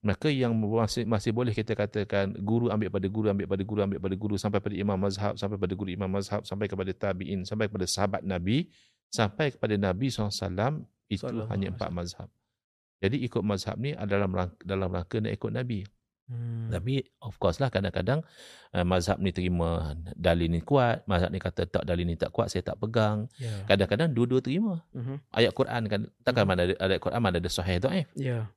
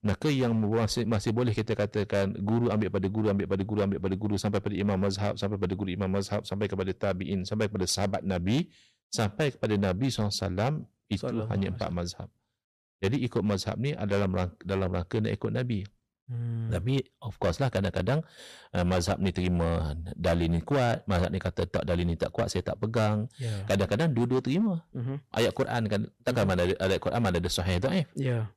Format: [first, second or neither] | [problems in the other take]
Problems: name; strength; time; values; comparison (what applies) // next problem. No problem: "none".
first | distortion; slight; 7% of the sound clipped